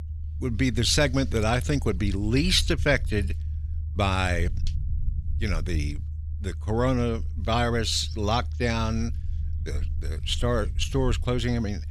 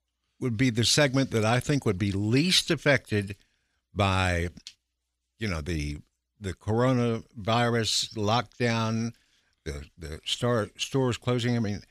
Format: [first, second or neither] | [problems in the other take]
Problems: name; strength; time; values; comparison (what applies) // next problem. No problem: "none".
second | low rumble; faint; throughout; 25 dB below the speech